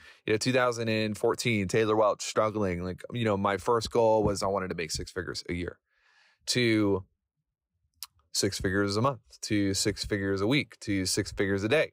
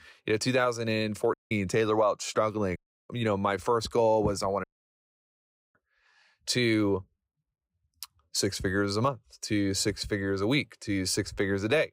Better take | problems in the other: first | audio cutting out; at 1.5 s, at 3 s and at 4.5 s for 1 s

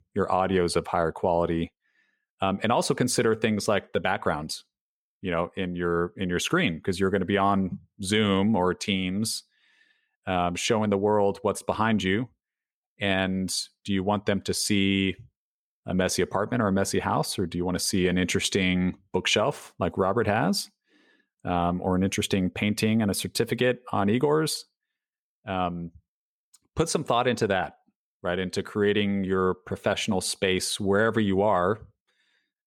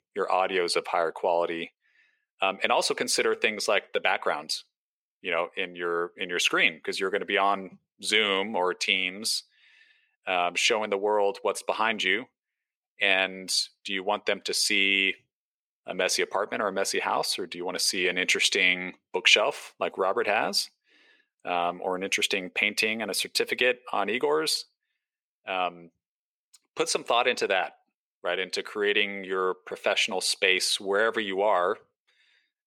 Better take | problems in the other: first | thin; somewhat; fading below 500 Hz

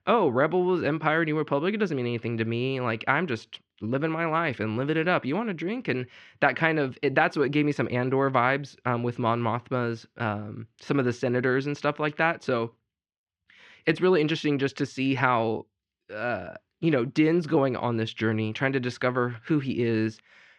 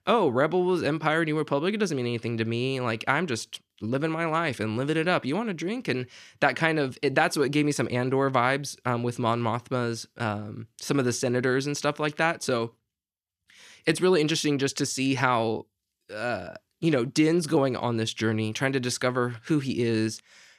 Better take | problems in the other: second | muffled; slightly; fading above 2.5 kHz

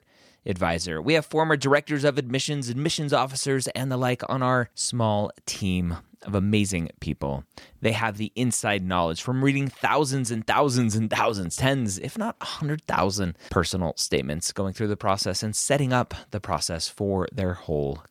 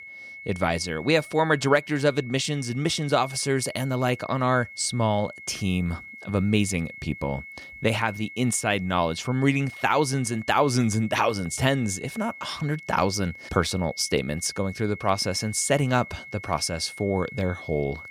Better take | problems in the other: first | high-pitched whine; noticeable; throughout; 2 kHz, 15 dB below the speech

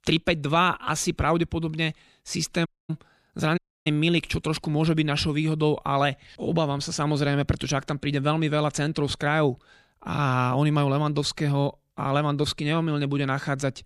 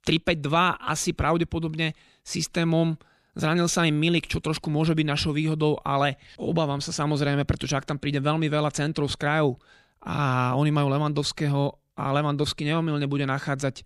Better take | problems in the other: second | audio cutting out; at 2.5 s and at 3.5 s

